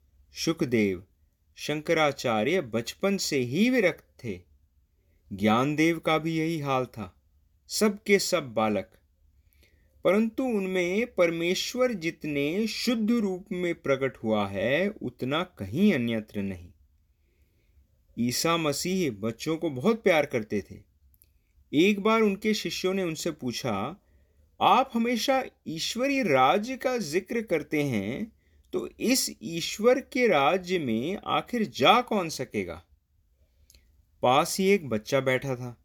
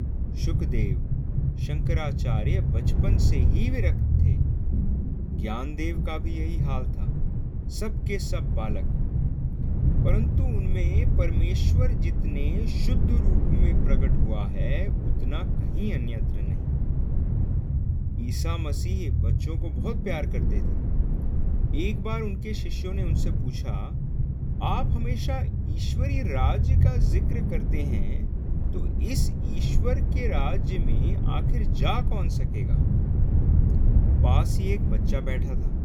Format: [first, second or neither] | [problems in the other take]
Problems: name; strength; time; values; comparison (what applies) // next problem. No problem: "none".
first | low rumble; loud; throughout; 3 dB below the speech